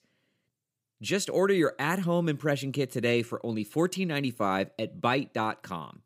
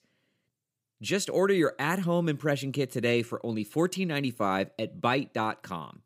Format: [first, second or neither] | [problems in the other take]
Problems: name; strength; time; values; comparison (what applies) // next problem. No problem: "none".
neither | none